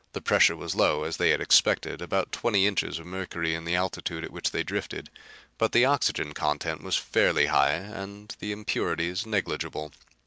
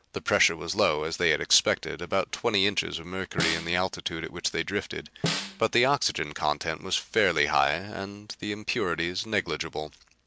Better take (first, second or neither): first